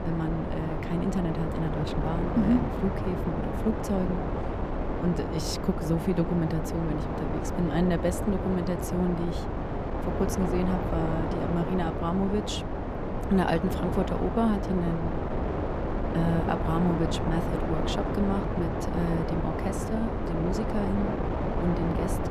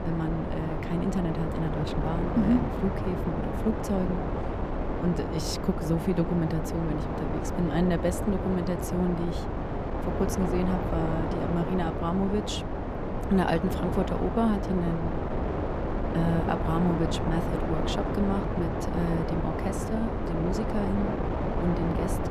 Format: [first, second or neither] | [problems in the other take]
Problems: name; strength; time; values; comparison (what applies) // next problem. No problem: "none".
neither | wind noise on the microphone; heavy; as loud as the speech; the same in both